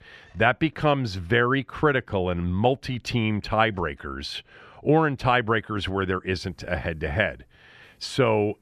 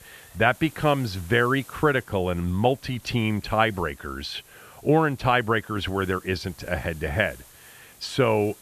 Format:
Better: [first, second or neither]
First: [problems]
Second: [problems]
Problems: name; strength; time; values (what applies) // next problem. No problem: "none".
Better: first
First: none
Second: hiss; faint; throughout; 25 dB below the speech